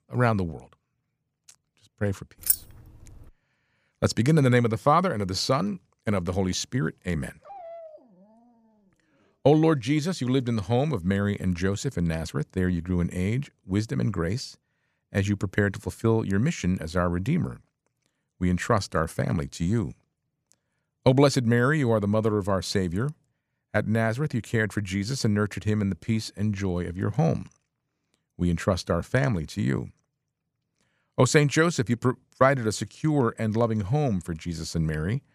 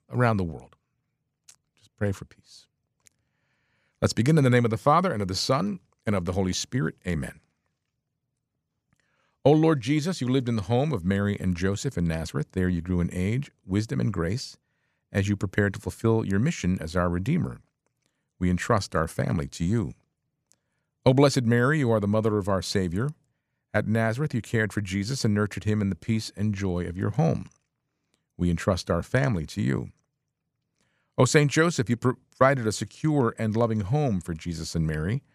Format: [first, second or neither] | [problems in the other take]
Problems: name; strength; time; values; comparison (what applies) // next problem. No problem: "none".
second | jangling keys; loud; at 2.5 s; peak 2 dB above the speech // dog barking; faint; from 7.5 to 9 s; peak 15 dB below the speech